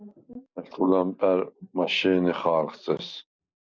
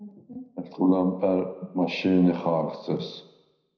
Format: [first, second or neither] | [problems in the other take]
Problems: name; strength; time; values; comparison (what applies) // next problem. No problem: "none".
first | room echo; dies away in 0.8 s